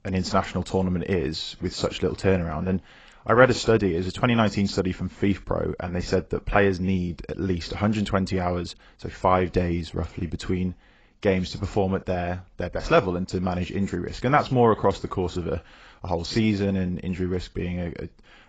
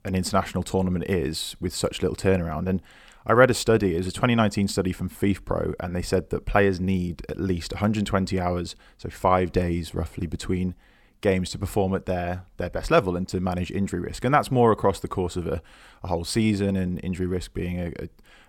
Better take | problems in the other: second | garbled, watery; badly; nothing above 7.5 kHz

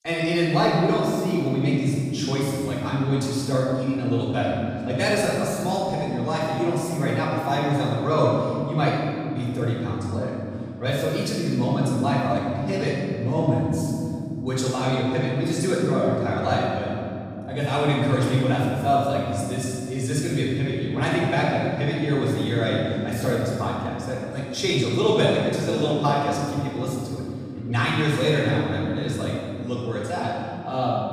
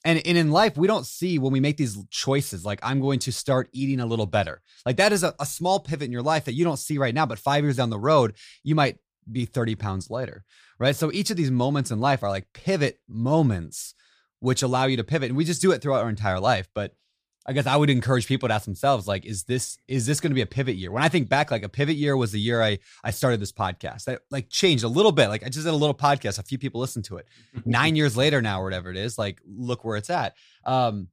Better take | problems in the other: second | off-mic speech; far // room echo; strong; dies away in 3 s

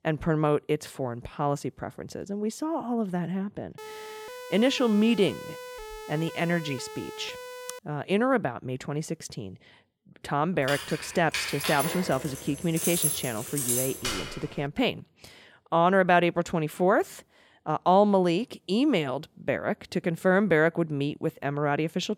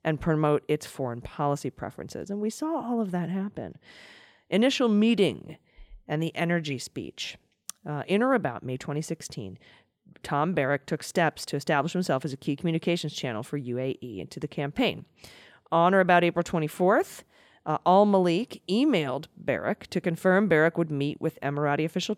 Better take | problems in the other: second | siren; faint; from 4 to 8 s; peak 15 dB below the speech // jangling keys; loud; from 11 to 14 s; peak 2 dB above the speech

